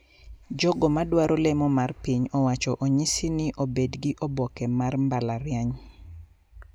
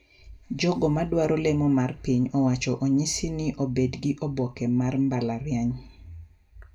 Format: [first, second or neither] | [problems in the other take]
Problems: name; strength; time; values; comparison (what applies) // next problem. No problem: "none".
first | room echo; dies away in 0.2 s